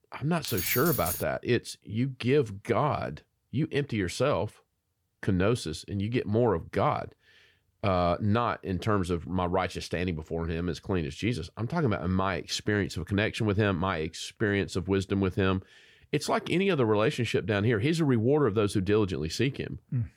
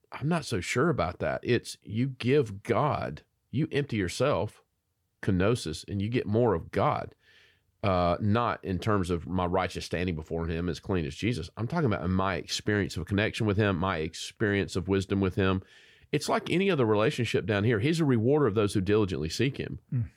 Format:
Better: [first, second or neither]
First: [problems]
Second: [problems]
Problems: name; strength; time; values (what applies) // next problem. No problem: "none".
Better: second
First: jangling keys; noticeable; at 0.5 s; peak 1 dB below the speech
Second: none